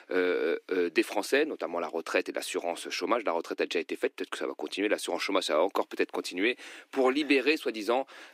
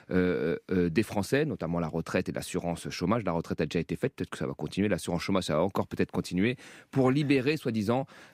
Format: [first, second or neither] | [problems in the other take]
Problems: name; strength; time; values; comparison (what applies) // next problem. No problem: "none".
second | thin; somewhat; fading below 300 Hz